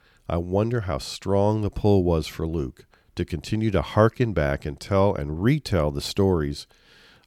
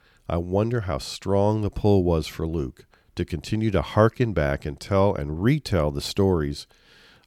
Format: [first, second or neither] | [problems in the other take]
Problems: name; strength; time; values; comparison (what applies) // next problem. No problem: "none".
neither | none